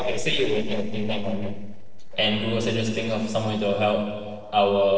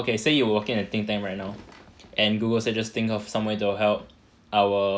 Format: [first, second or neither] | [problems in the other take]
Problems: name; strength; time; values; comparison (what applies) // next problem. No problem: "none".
second | noise reduction (neural separator model SepFormer DNS4)